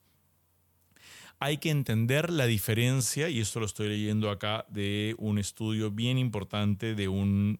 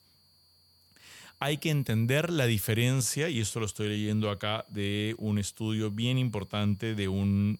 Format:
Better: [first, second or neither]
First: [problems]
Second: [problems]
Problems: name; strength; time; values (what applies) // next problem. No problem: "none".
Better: first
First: none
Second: high-pitched whine; faint; throughout; 4.5 kHz, 30 dB below the speech